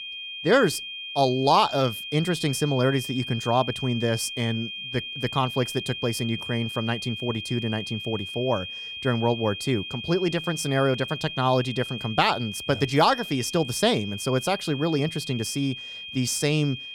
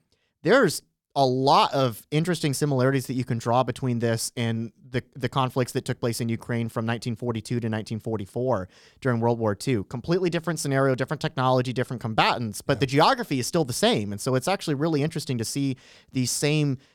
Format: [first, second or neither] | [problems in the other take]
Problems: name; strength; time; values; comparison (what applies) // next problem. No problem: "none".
second | high-pitched whine; loud; throughout; 3 kHz, 8 dB below the speech